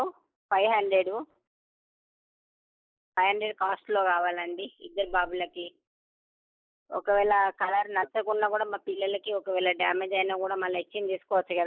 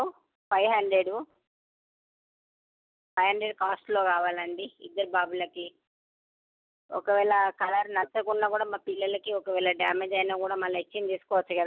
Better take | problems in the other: second | noise reduction (neural mask model Resemble Enhance denoiser)

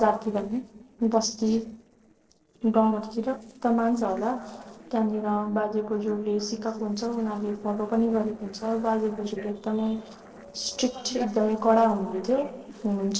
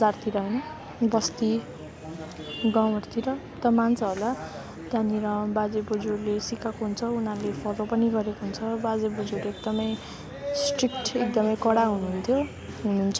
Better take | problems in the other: second | noise reduction (neural separator model SepFormer DNS4)

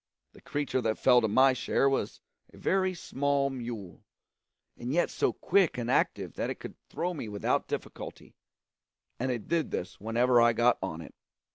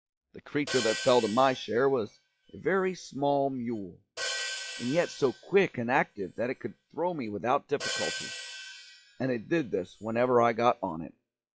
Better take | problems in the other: first | noise reduction (classical method log-MMSE)

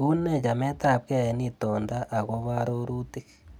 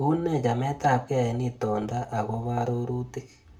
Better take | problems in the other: first | room echo; dies away in 0.3 s

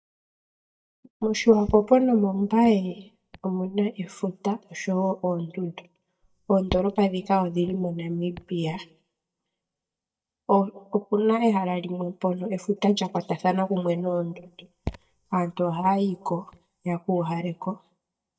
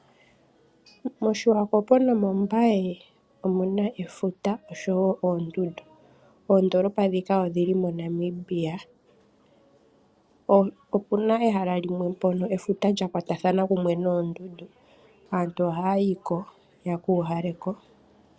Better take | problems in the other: second | noise reduction (neural mask model DeepFilterNet 3)

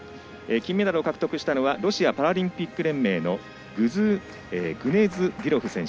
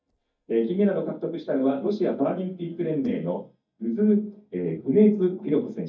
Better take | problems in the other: first | noise reduction (neural mask model DeepFilterNet 3)

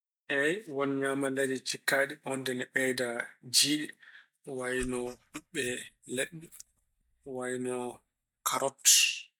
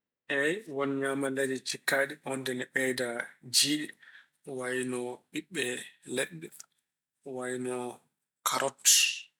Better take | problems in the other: second | noise reduction (neural mask model DeepFilterNet 3)

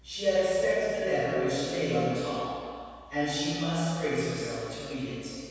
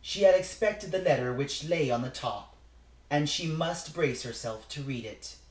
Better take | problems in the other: second | room echo; dies away in 2.1 s

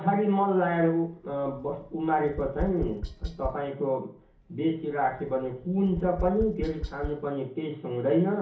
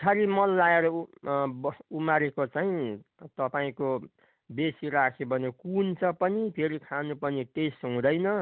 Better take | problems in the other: second | background sound (Tap); 11 dB below the speech // room echo; dies away in 0.7 s

